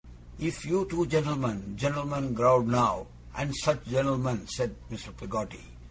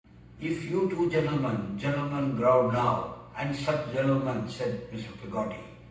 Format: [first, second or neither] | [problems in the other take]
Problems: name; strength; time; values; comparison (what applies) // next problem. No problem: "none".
first | room echo; dies away in 0.9 s